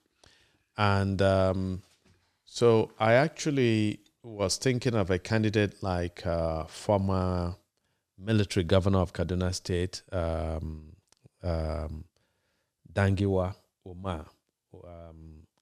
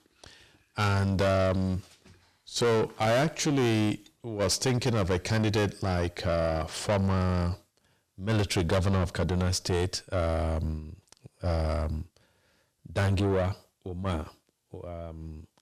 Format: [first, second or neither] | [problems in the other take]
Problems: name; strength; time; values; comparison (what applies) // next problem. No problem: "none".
first | distortion; heavy; 5 dB below the speech